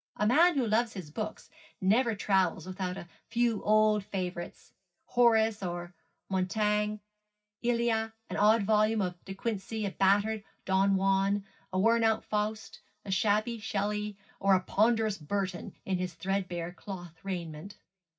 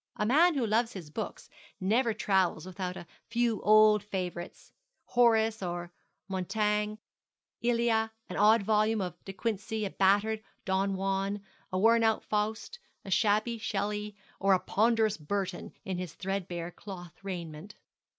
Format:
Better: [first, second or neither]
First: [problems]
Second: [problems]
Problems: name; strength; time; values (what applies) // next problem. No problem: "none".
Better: second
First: room echo; dies away in 0.4 s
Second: none